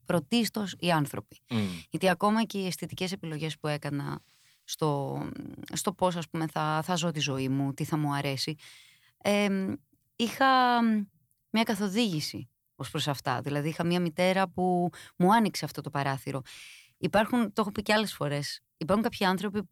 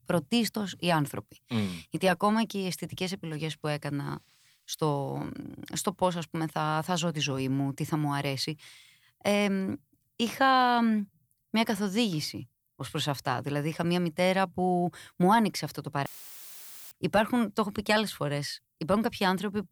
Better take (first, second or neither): first